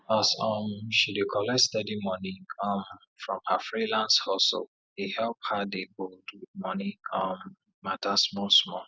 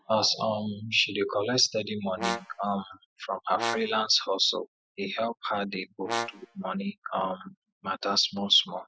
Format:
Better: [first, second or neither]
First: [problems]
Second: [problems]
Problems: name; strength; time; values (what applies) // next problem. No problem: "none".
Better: first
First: none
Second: noise reduction (classical method Wiener filter)